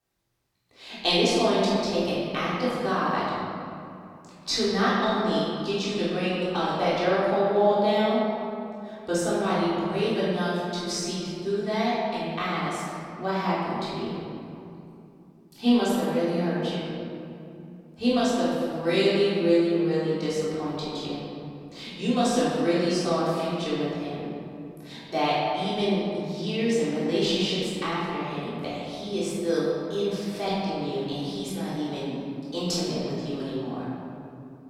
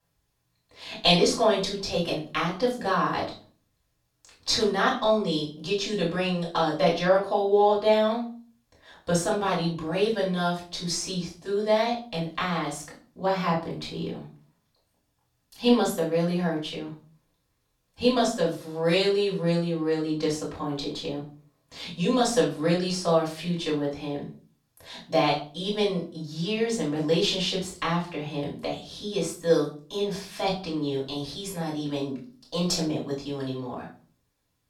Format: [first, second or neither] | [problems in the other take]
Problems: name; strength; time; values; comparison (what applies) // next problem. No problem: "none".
second | room echo; strong; dies away in 2.6 s; slight in the second // off-mic speech; far; far in the second